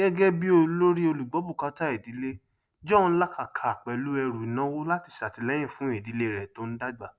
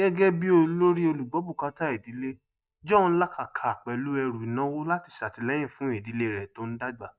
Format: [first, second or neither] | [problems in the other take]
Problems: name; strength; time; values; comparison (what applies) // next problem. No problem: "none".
first | noise reduction (neural mask model DeepFilterNet 3)